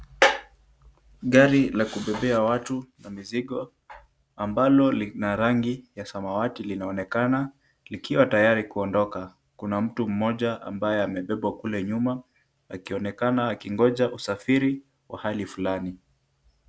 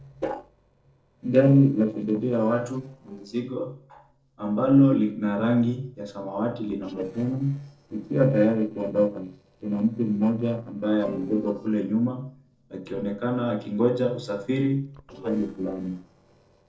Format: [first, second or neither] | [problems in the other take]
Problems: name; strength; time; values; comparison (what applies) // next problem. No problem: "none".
first | noise reduction (neural separator model SepFormer DNS4)